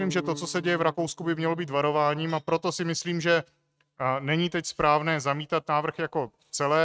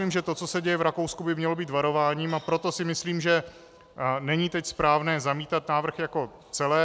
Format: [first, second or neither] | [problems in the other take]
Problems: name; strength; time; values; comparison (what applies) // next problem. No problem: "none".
second | noise reduction (neural mask model RNNoise)